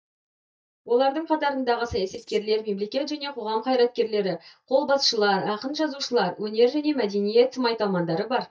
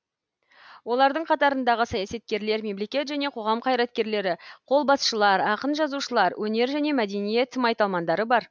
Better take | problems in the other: second | noise reduction (neural mask model DeepFilterNet 3)

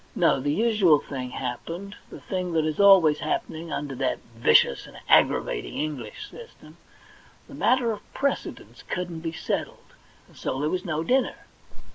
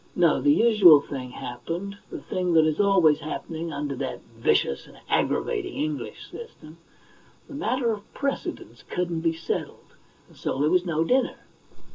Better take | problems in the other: first | room echo; dies away in 0.2 s

